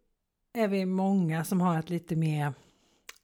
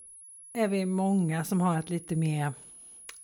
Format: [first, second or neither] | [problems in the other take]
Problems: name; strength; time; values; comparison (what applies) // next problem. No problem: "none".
first | high-pitched whine; noticeable; throughout; 10.5 kHz, 15 dB below the speech